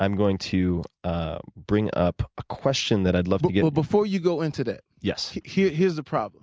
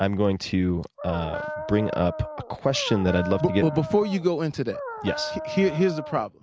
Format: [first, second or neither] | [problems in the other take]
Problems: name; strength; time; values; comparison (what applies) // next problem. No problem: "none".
first | background sound (Dog); 10 dB below the speech